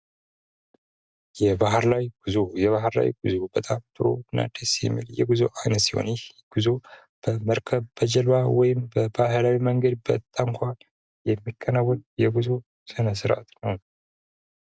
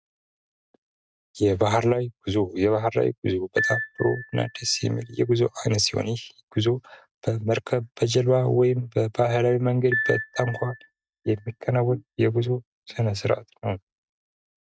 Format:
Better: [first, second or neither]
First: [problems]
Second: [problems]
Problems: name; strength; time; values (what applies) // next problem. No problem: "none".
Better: first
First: none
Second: noise reduction (neural mask model RNNoise)